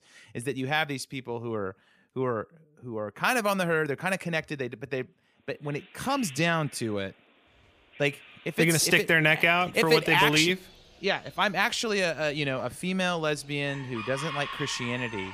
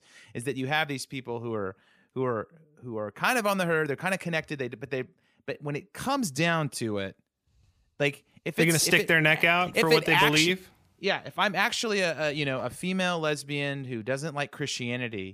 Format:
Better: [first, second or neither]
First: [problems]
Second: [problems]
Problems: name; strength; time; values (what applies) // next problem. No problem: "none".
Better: second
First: animal sounds; noticeable; from 5.5 s on; 15 dB below the speech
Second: none